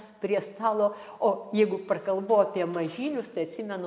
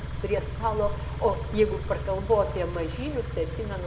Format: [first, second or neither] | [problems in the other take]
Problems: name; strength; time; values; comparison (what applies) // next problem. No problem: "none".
first | background sound (Idling / Car); 4 dB below the speech // room echo; dies away in 0.4 s